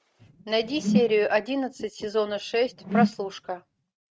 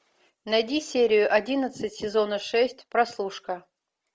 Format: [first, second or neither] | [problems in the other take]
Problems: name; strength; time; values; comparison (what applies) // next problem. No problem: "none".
second | noise reduction (neural mask model RNNoise)